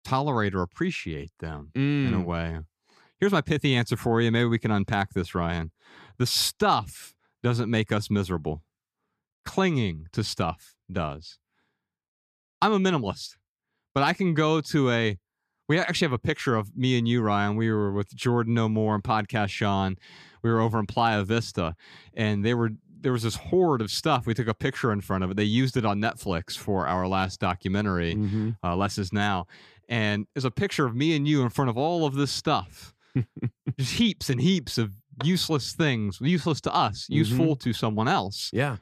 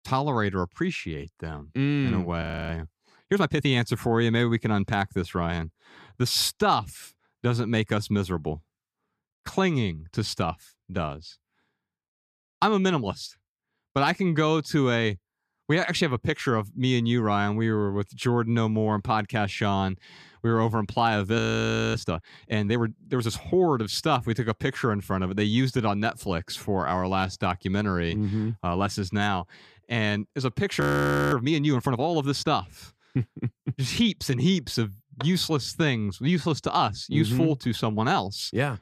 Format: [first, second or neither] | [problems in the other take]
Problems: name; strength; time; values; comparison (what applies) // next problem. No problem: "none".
first | audio freezing; at 2.5 s, at 21 s for 0.5 s and at 31 s for 0.5 s